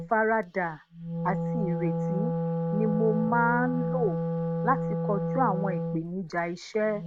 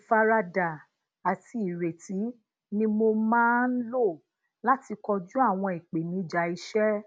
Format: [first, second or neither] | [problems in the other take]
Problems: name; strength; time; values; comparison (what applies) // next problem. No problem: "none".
second | noise reduction (neural mask model RNNoise)